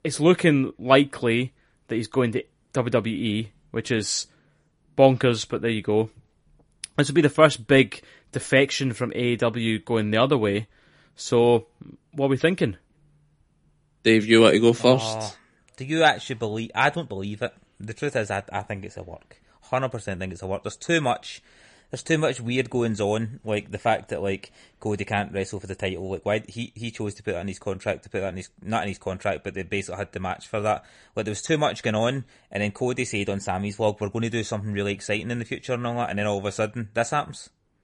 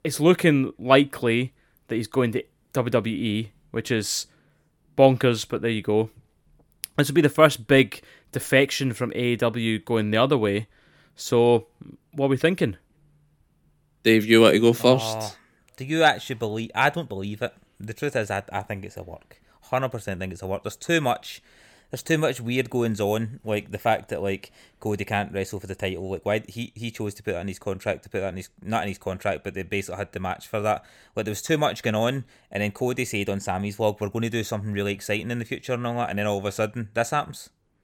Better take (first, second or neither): second